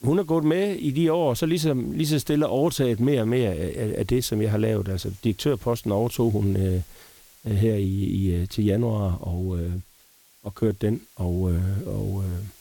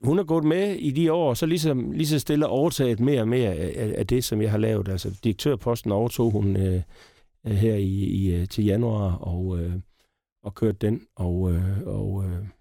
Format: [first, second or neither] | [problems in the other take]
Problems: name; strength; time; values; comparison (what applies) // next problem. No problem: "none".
second | hiss; faint; throughout; 25 dB below the speech